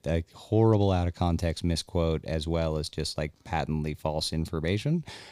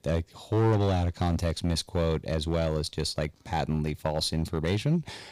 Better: first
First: none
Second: distortion; slight; 5% of the sound clipped

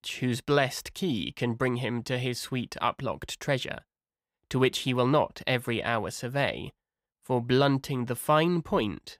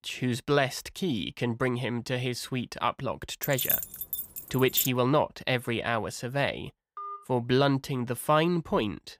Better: first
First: none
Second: jangling keys; loud; from 3.5 to 5 s; peak 2 dB above the speech // phone ringing; faint; at 7 s; peak 10 dB below the speech

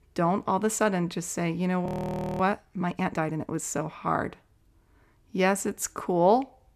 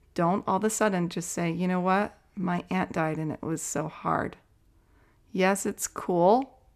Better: second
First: audio freezing; at 2 s for 0.5 s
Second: none

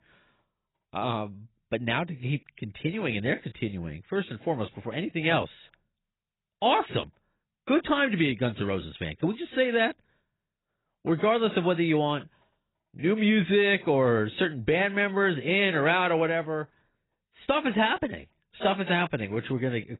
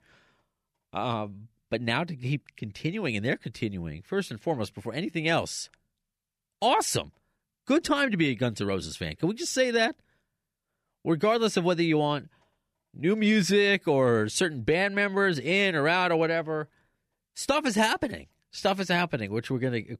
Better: second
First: garbled, watery; badly; nothing above 4 kHz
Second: none

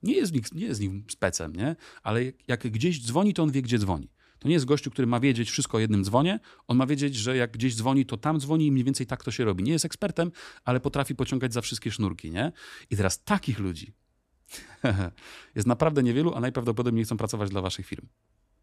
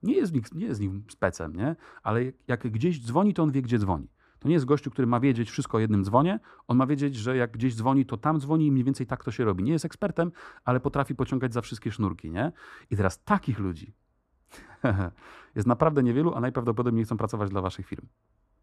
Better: first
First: none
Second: muffled; slightly; fading above 2 kHz

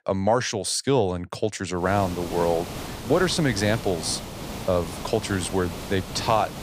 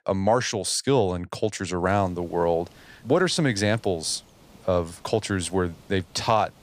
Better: second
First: hiss; loud; from 2 s on; 10 dB below the speech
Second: hiss; faint; from 2 s on; 30 dB below the speech

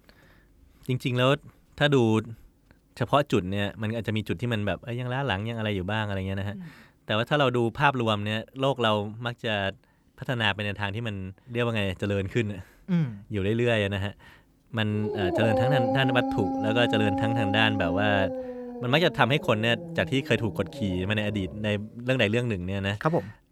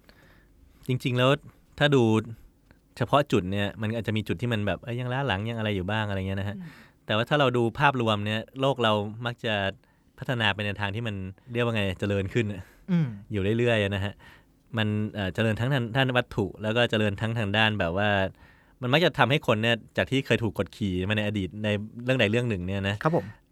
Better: second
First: dog barking; loud; from 15 to 22 s; peak 1 dB above the speech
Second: none

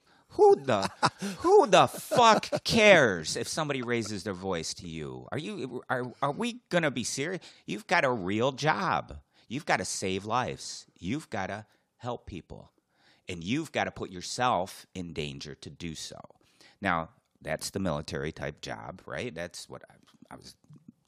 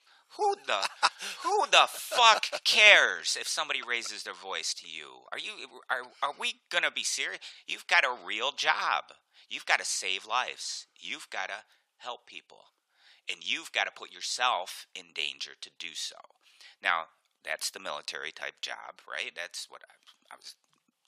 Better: first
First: none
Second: thin; very; fading below 950 Hz

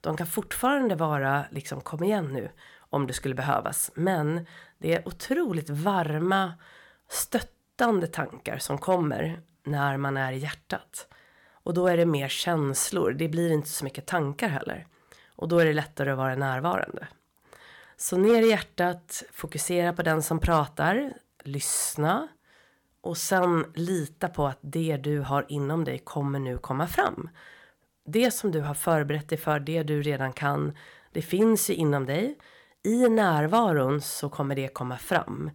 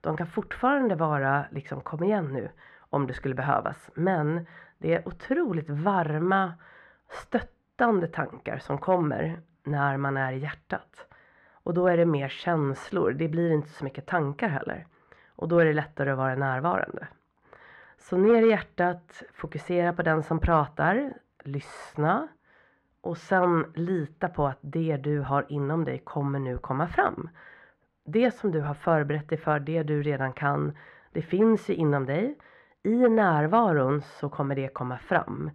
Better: first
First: none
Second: muffled; very; fading above 1.5 kHz

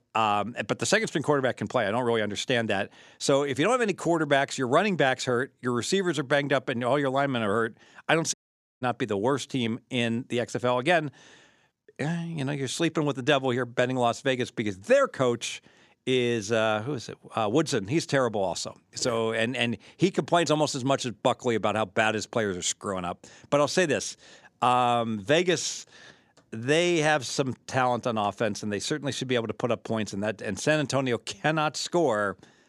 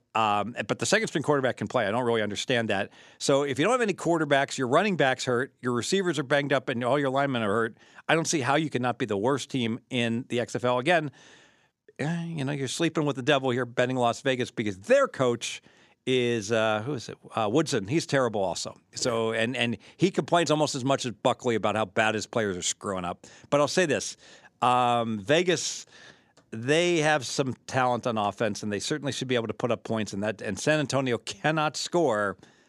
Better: second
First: audio cutting out; at 8.5 s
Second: none

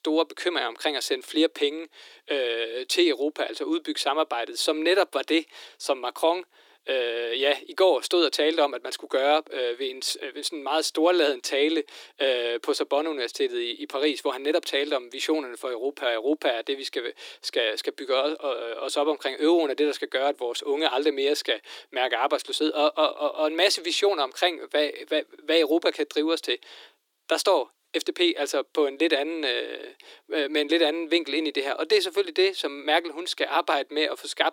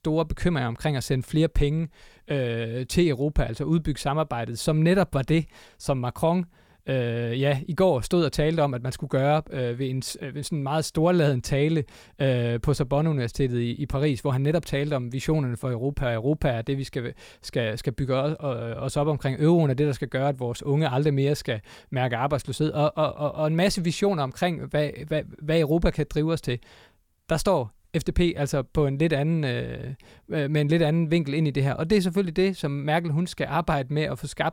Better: second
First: thin; very; fading below 300 Hz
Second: none

